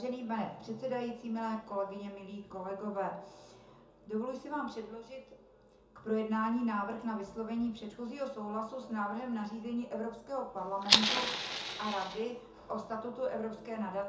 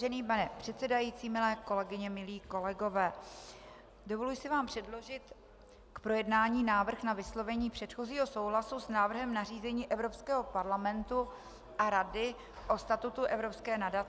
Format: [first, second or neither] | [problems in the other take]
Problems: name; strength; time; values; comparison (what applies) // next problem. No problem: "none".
second | background sound (Fire); 5 dB above the speech // room echo; dies away in 0.6 s